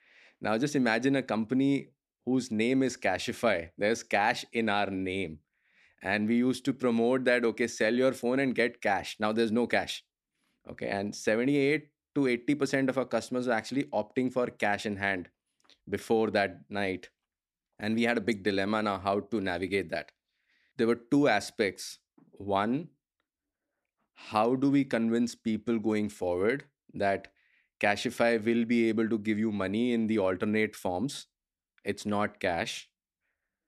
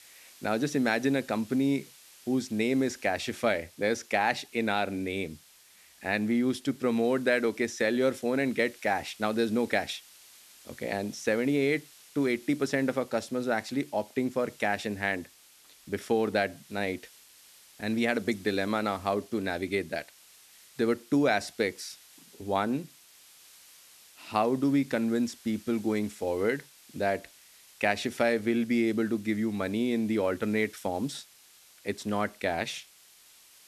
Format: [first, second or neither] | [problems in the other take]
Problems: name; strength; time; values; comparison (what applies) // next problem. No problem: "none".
first | hiss; faint; throughout; 25 dB below the speech